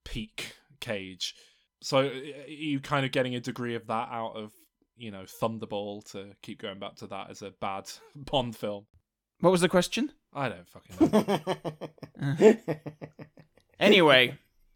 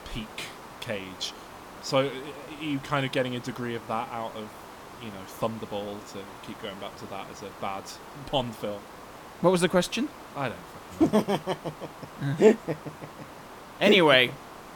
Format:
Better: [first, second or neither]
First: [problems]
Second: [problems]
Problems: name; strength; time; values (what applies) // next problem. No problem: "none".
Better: first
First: none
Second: hiss; noticeable; throughout; 15 dB below the speech